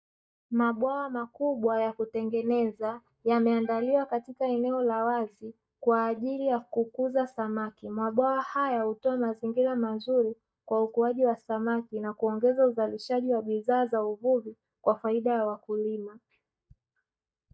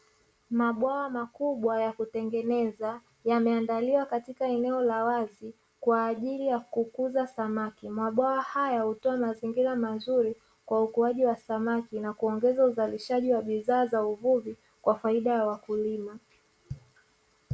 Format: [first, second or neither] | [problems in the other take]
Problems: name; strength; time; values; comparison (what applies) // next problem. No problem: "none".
second | noise reduction (neural mask model DeepFilterNet 3)